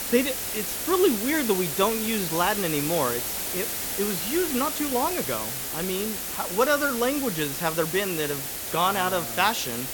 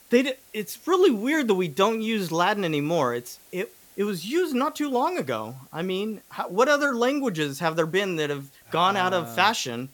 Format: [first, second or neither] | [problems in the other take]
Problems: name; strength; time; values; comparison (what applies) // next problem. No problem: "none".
second | hiss; loud; throughout; 2 dB below the speech; faint in the second